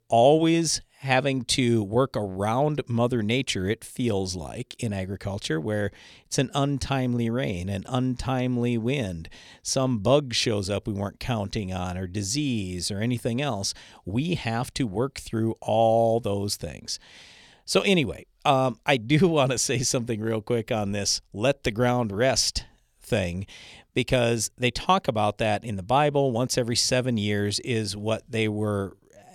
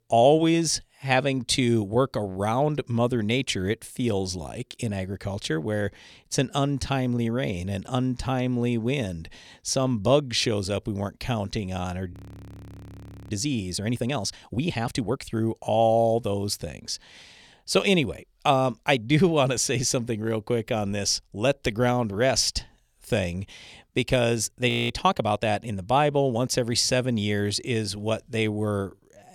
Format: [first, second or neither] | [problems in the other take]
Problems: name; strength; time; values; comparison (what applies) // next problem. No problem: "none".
first | audio freezing; at 12 s for 1 s and at 25 s